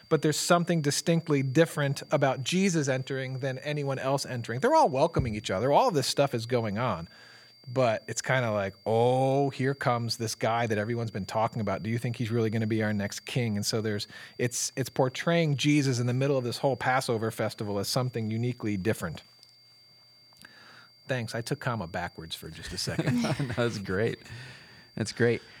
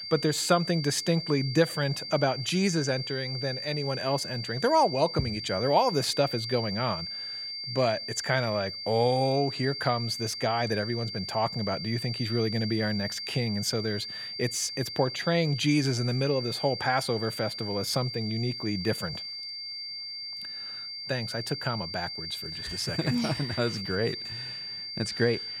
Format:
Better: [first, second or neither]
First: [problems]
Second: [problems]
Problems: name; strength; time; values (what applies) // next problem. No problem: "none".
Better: first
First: high-pitched whine; faint; throughout; 4.5 kHz, 25 dB below the speech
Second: high-pitched whine; loud; throughout; 4.5 kHz, 6 dB below the speech